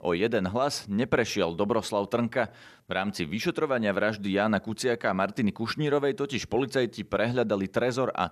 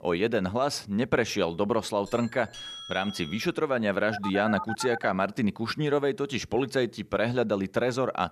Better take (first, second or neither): first